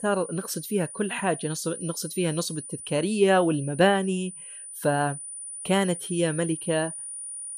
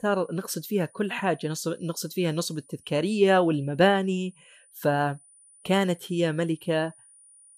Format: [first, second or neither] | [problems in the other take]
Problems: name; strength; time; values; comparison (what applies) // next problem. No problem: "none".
second | high-pitched whine; loud; throughout; 9.5 kHz, 10 dB below the speech; faint in the second